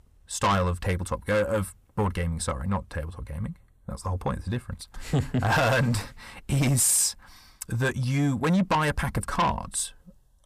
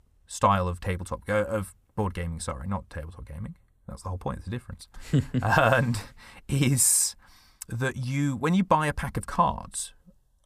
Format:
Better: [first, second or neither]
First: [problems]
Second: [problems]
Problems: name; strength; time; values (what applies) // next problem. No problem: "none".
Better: second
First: distortion; heavy; 8 dB below the speech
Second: none